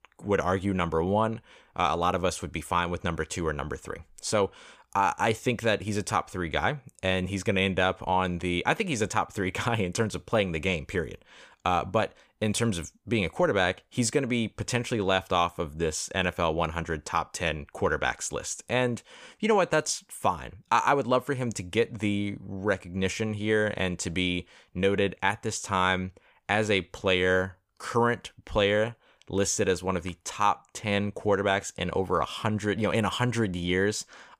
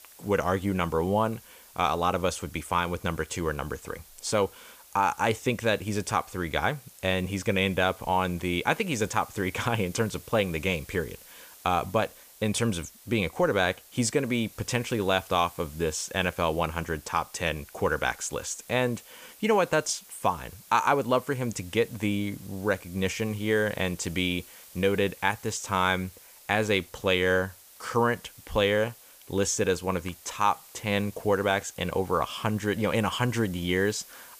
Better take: first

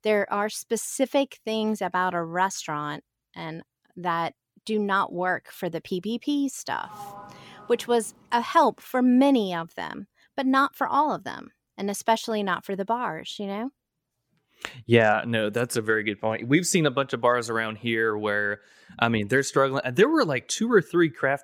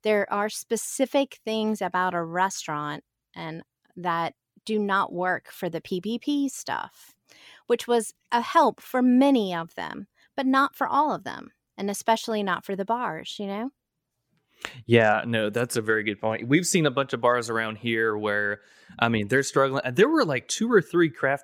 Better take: second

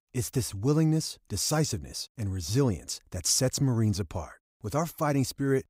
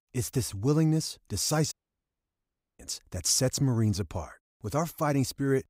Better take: first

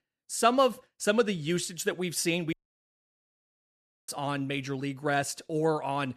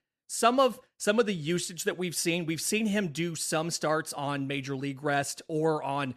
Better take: second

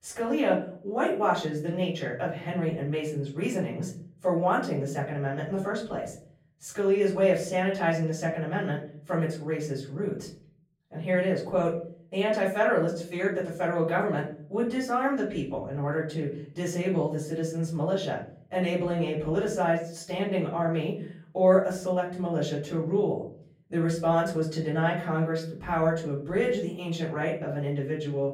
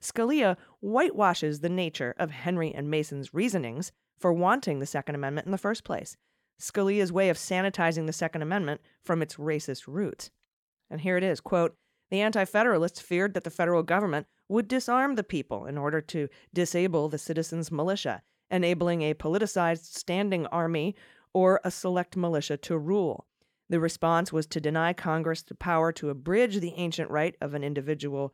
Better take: second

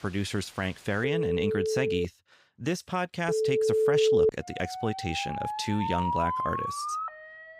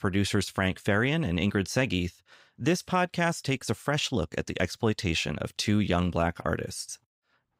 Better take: second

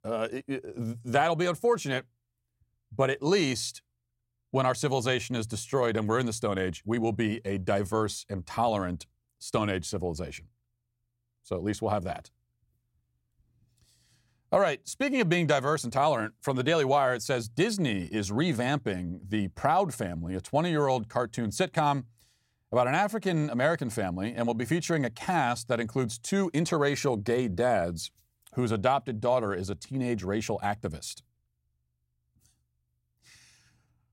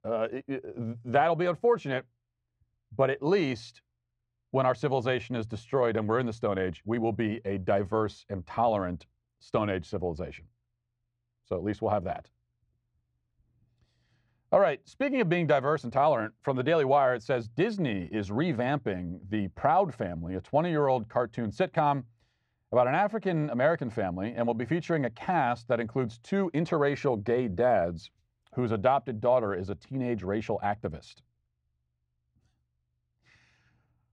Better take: first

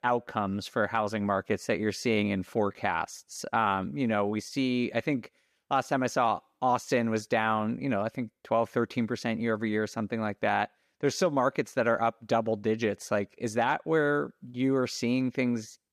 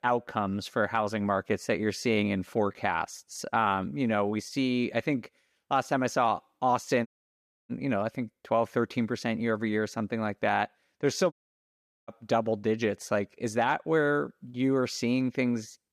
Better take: first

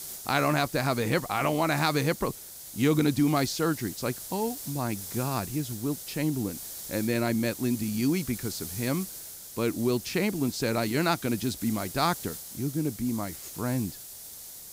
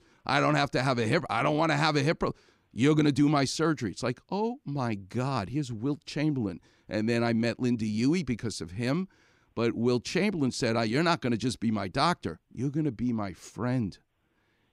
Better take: second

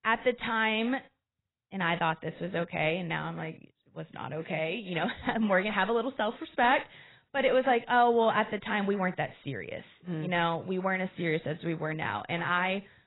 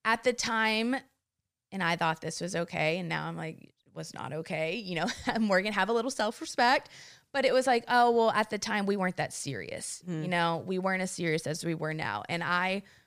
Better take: second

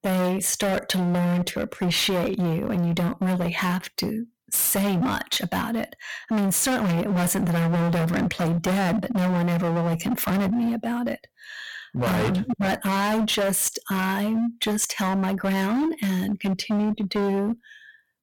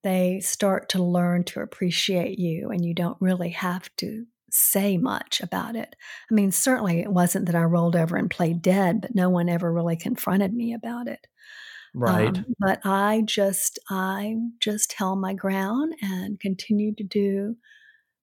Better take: second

